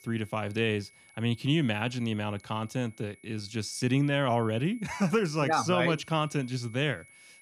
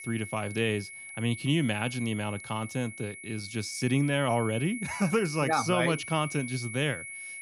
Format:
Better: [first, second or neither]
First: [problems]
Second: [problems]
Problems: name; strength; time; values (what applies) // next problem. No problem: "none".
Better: first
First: high-pitched whine; faint; throughout; 2 kHz, 25 dB below the speech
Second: high-pitched whine; loud; throughout; 2 kHz, 10 dB below the speech